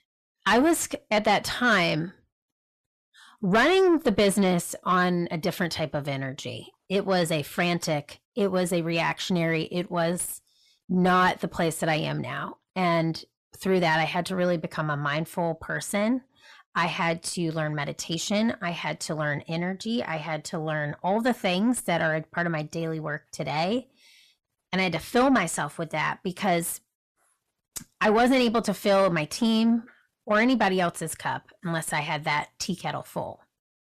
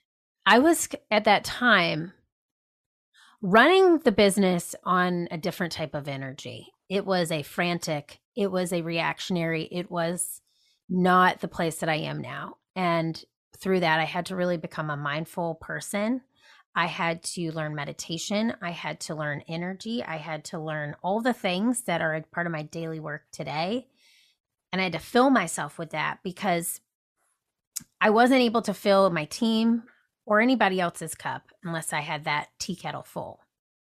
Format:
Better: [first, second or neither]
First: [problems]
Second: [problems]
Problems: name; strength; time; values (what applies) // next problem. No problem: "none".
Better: second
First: distortion; slight; 10 dB below the speech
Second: none